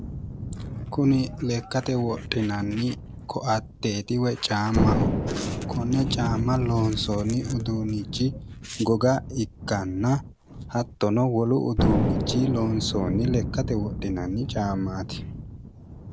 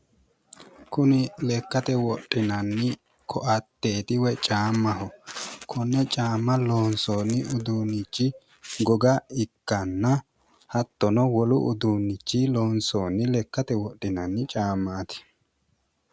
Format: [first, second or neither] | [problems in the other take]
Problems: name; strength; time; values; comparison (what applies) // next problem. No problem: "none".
second | background sound (Thunder); 4 dB below the speech